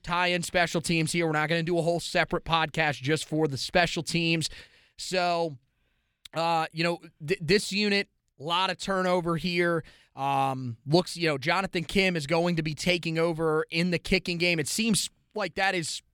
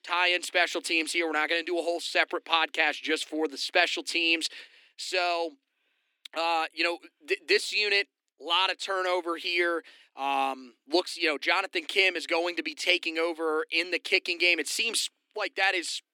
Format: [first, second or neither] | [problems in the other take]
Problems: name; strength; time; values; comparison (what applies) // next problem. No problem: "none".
first | thin; very; fading below 250 Hz